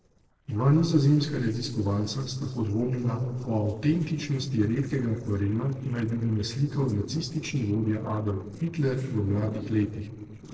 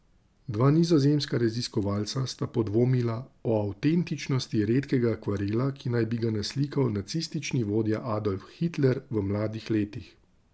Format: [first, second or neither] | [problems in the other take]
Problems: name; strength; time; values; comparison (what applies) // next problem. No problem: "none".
second | noise reduction (neural separator model SepFormer DNS4)